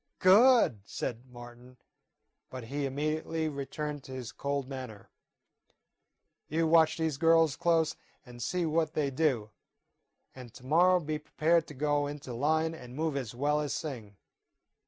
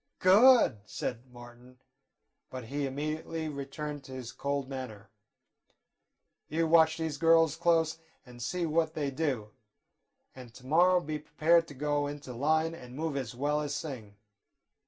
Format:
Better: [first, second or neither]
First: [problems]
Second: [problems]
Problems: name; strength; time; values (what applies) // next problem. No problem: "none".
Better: first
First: none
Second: room echo; dies away in 0.2 s